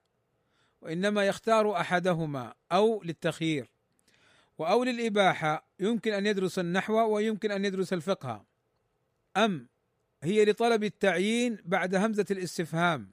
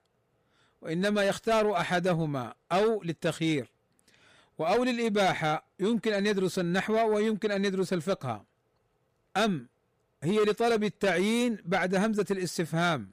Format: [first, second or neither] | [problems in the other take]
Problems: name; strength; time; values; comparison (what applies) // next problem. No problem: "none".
first | distortion; slight; 10 dB below the speech